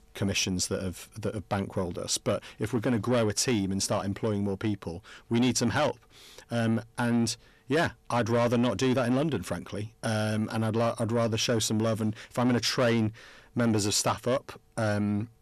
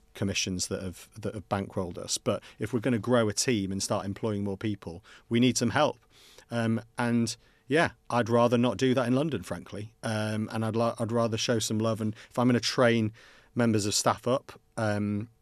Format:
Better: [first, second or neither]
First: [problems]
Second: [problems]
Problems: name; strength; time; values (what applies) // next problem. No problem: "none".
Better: second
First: distortion; slight; 10 dB below the speech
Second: none